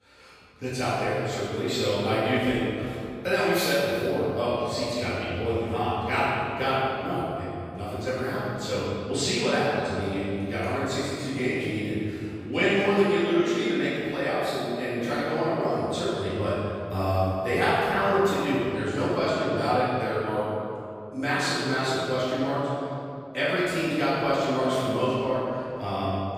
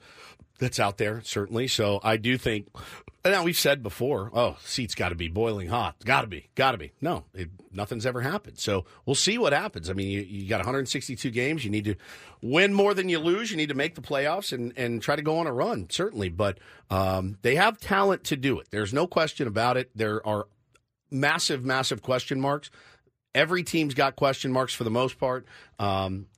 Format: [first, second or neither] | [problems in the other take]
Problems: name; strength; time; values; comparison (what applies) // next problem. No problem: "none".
second | off-mic speech; far // room echo; strong; dies away in 2.5 s